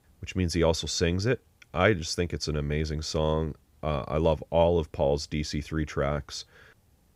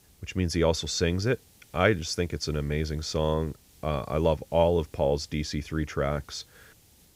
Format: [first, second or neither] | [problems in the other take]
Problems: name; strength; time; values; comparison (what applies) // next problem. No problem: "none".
first | hiss; faint; throughout; 30 dB below the speech